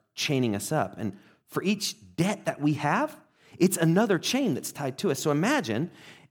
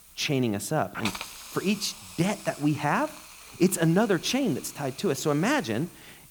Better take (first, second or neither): first